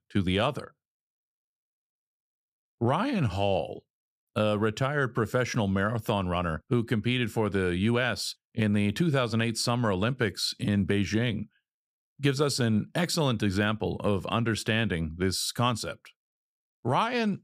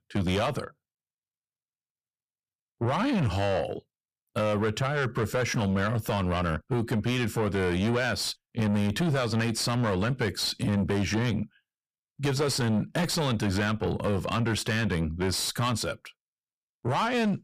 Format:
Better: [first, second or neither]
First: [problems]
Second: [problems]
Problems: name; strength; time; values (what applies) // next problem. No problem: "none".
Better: first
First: none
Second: distortion; heavy; 7 dB below the speech